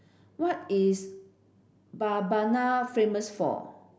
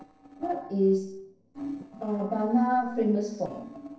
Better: first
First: none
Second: noise reduction (neural separator model SepFormer DNS4)

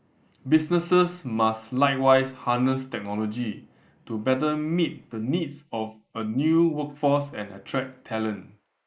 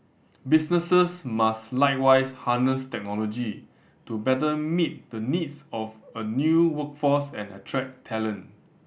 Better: second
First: noise reduction (neural mask model Resemble Enhance denoiser)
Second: none

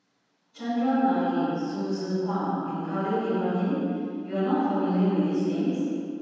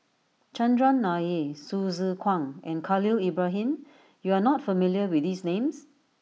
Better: second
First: room echo; dies away in 2.1 s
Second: none

